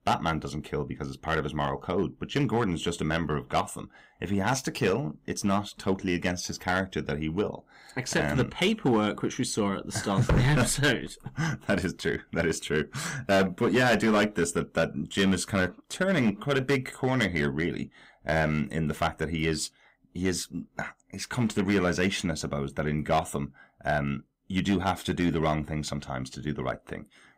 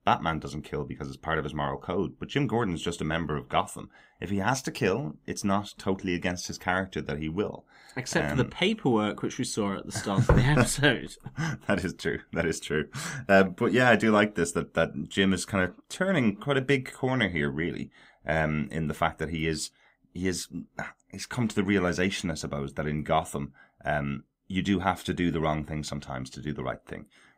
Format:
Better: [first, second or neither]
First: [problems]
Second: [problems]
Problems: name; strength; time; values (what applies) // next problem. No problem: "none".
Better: second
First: distortion; slight; 4% of the sound clipped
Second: none